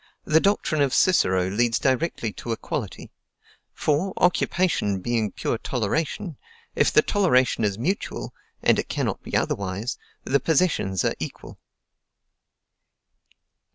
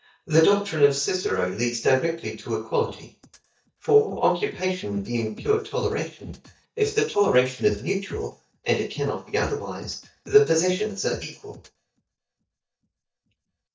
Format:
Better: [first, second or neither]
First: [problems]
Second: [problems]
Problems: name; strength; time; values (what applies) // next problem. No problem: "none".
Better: first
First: none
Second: noise reduction (neural mask model DeepFilterNet 3)